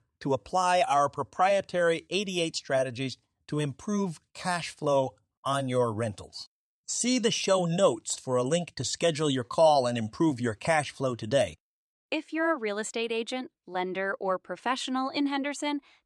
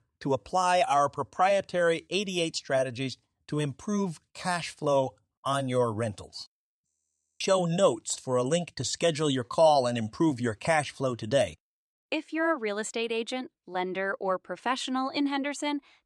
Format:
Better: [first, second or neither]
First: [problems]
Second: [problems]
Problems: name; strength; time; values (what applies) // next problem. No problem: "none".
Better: first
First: none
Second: audio freezing; at 7 s for 0.5 s